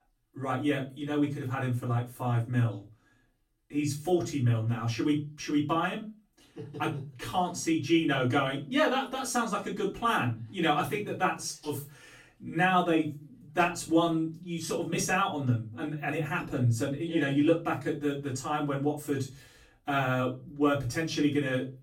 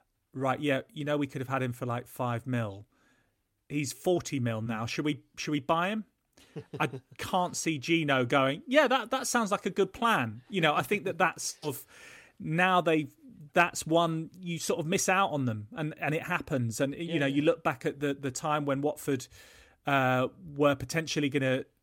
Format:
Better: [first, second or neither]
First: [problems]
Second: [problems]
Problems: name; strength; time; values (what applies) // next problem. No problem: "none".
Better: second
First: off-mic speech; far // room echo; slight; dies away in 0.3 s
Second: none